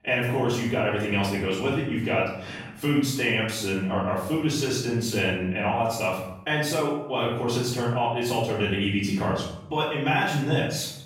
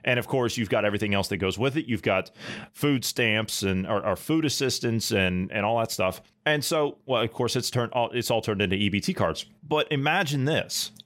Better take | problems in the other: second | off-mic speech; far // room echo; noticeable; dies away in 0.6 s

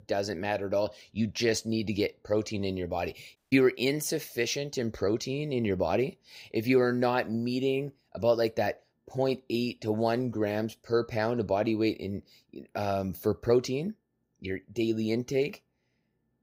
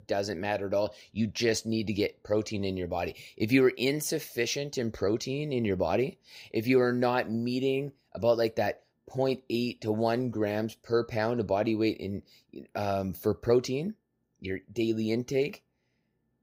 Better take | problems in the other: second | audio cutting out; at 3.5 s

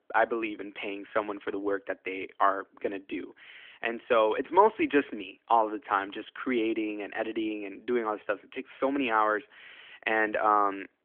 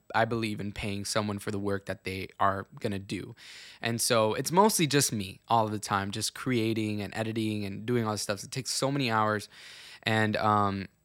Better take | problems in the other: second | phone-call audio; nothing above 3.5 kHz

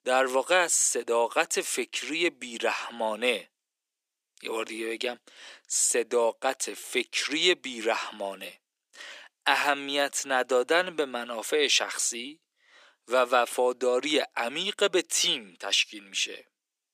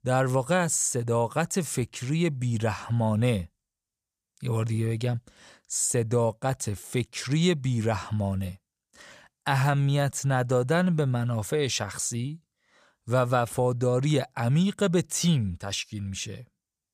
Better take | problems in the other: second | thin; very; fading below 300 Hz

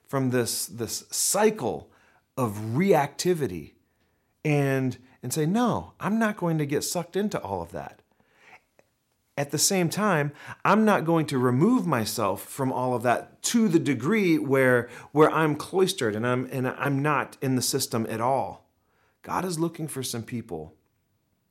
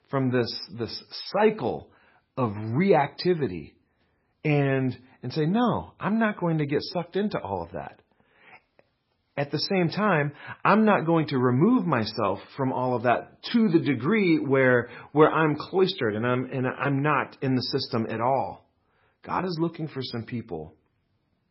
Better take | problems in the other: first | garbled, watery; badly; nothing above 5.5 kHz

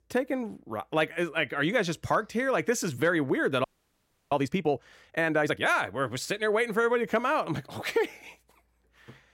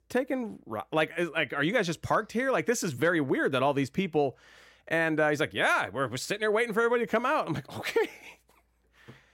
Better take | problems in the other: second | audio freezing; at 3.5 s for 0.5 s

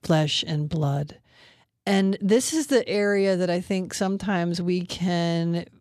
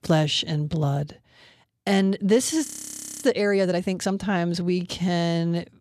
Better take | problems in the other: first | audio freezing; at 2.5 s for 0.5 s

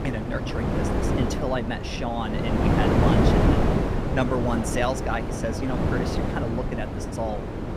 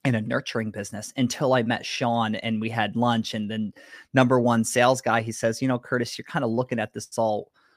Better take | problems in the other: second | wind noise on the microphone; heavy; 1 dB above the speech

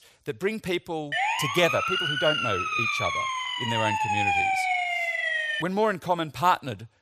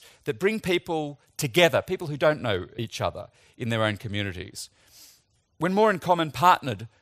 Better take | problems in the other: second | siren; loud; from 1 to 5.5 s; peak 6 dB above the speech

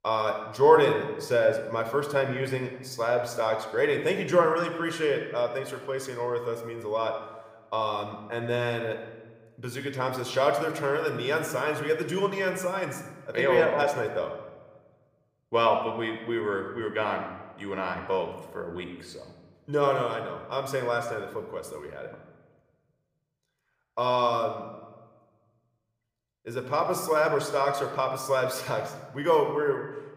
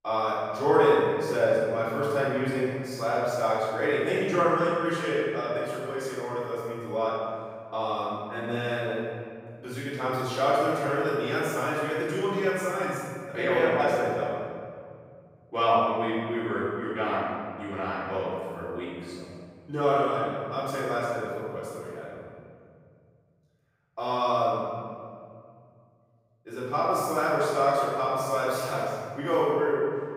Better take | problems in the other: first | room echo; strong; dies away in 2.1 s; slight in the first // off-mic speech; far

